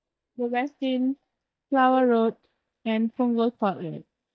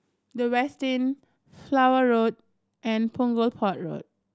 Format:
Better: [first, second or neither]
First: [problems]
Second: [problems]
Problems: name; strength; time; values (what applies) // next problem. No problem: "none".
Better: second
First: noise reduction (neural mask model DeepFilterNet 3)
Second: none